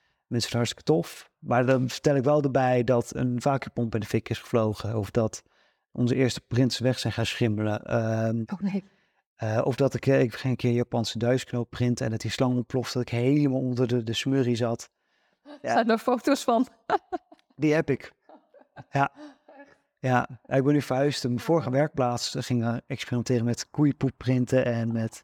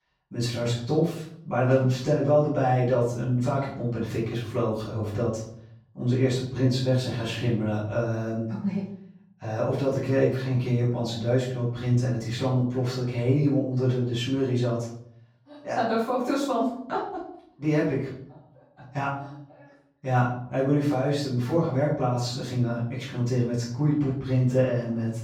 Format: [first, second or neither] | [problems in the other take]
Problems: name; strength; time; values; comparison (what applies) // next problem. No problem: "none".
first | off-mic speech; far // room echo; noticeable; dies away in 0.6 s